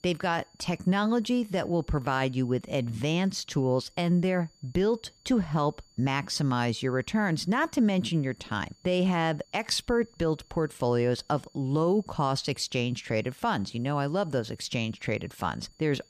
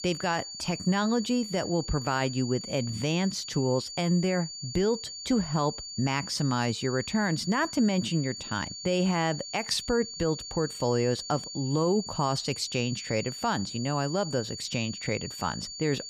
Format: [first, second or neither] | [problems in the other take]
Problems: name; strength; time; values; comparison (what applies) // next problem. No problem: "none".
first | high-pitched whine; loud; throughout; 4.5 kHz, 8 dB below the speech; faint in the first